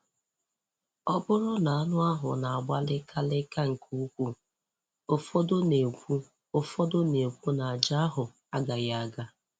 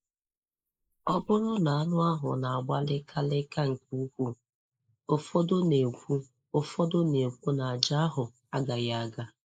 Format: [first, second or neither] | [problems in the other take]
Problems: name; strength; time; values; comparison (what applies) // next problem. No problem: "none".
first | noise reduction (neural mask model Resemble Enhance denoiser)